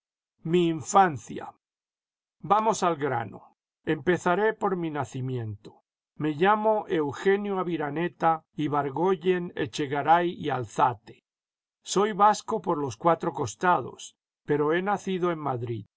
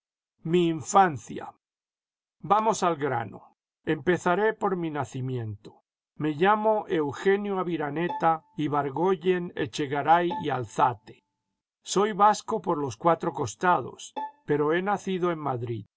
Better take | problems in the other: first | background sound (Bowed string instrument); 15 dB below the speech

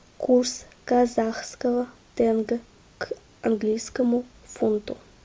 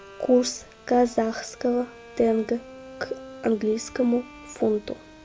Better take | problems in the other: first | background sound (Bowed string instrument); 20 dB below the speech

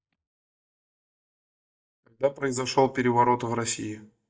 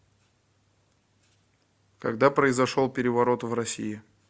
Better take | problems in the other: second | noise reduction (neural mask model DeepFilterNet 3)

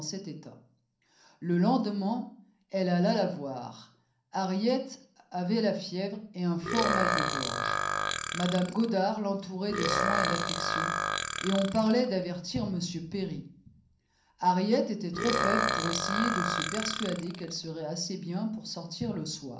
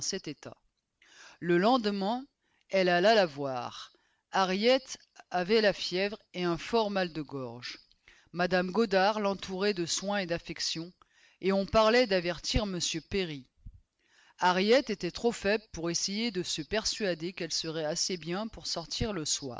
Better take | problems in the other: second | background sound (Burping, eructation); as loud as the speech // room echo; dies away in 0.6 s

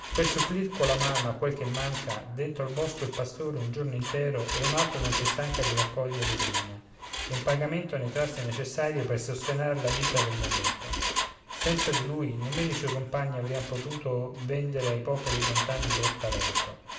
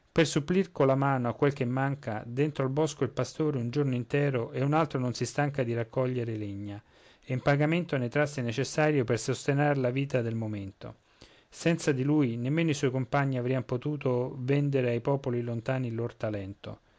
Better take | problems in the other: second | background sound (Engine); 2 dB below the speech // room echo; dies away in 1.1 s

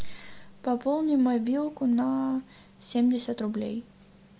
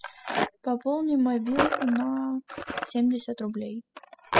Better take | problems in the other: first | noise reduction (classical method spectral subtraction)

